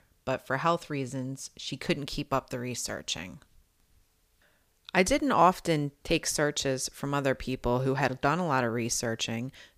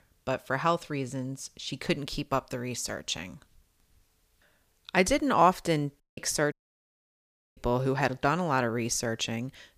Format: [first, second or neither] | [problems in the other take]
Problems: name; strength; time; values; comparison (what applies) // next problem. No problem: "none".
first | audio cutting out; at 6 s and at 6.5 s for 1 s